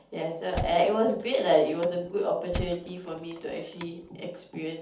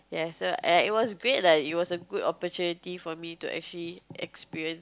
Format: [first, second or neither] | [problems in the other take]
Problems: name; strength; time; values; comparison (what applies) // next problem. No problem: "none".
second | background sound (Thump, thud); 11 dB below the speech // room echo; dies away in 0.6 s